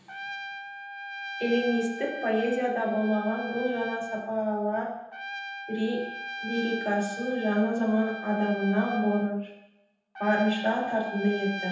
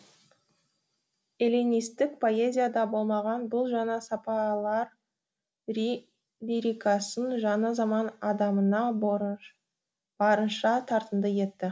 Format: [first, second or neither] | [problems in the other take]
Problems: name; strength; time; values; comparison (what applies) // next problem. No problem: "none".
second | background sound (Trumpet); 10 dB below the speech // room echo; dies away in 0.9 s